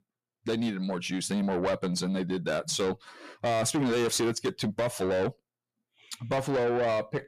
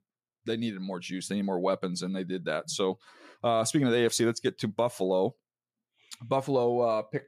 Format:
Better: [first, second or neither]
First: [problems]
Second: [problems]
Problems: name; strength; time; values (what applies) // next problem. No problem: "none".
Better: second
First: distortion; heavy; 8 dB below the speech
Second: none